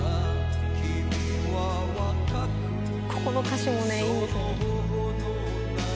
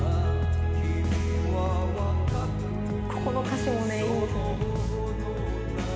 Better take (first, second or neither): first